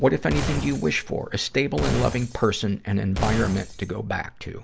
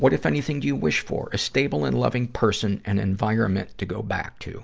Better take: second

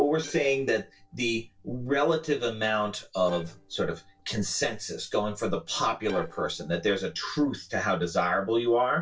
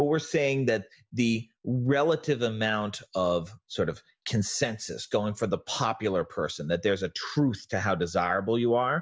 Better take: second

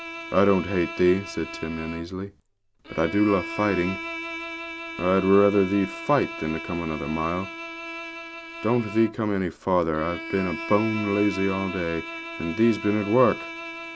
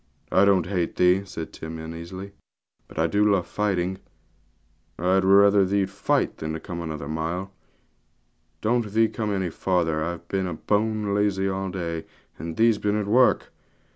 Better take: second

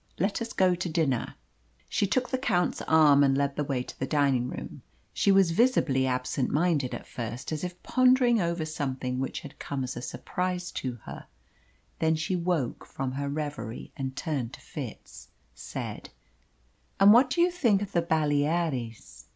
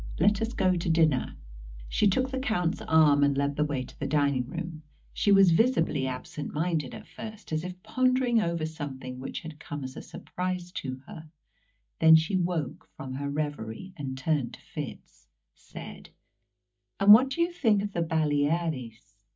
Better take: first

